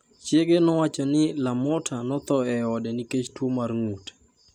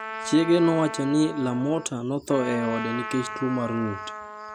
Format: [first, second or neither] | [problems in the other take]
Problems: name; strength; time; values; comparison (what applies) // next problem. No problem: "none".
first | background sound (Trumpet); 10 dB below the speech